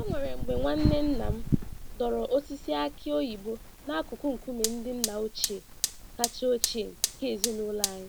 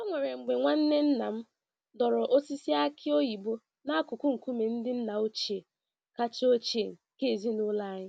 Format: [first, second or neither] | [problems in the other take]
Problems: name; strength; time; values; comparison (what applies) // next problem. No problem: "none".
second | background sound (Fire); 1 dB below the speech